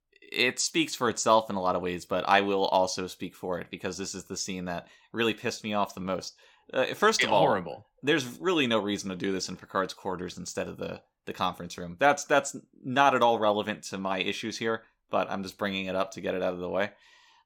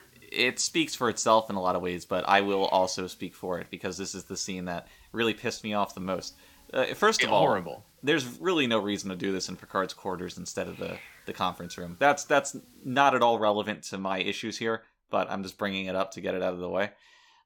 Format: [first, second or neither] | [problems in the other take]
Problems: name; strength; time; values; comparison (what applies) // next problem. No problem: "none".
first | hiss; faint; until 13 s; 25 dB below the speech